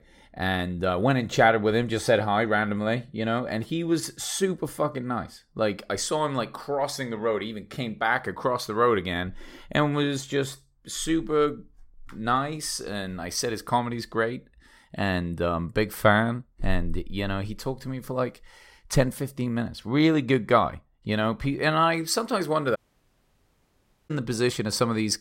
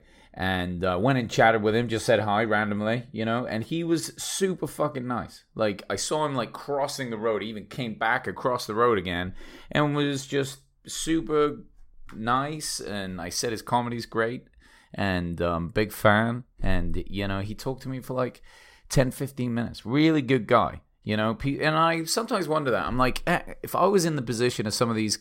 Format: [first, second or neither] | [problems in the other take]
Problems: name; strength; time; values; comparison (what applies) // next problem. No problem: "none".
second | audio cutting out; at 23 s for 1.5 s